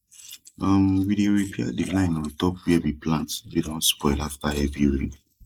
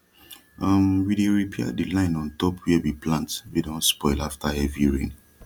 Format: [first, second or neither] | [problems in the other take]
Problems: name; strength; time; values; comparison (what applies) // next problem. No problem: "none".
second | noise reduction (neural mask model Resemble Enhance denoiser)